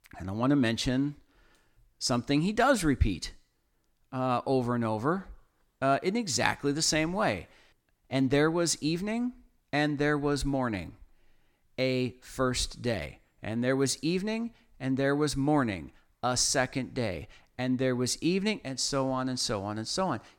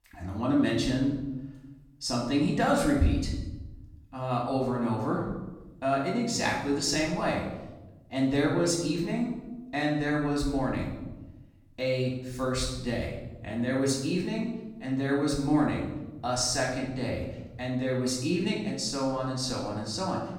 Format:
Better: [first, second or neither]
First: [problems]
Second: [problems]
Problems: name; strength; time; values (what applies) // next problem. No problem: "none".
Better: first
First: none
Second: off-mic speech; far // room echo; noticeable; dies away in 1 s